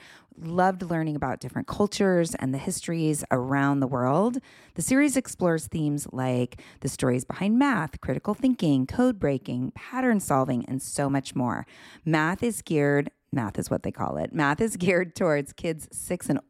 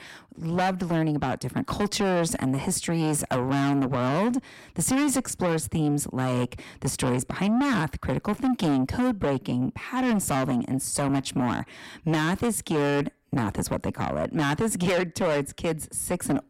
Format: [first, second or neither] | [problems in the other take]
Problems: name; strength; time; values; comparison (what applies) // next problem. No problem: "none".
first | distortion; heavy; 7 dB below the speech